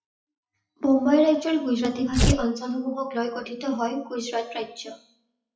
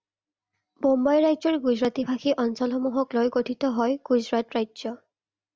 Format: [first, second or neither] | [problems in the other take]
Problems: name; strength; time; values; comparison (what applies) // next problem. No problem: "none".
second | noise reduction (classical method WPE with log-MMSE)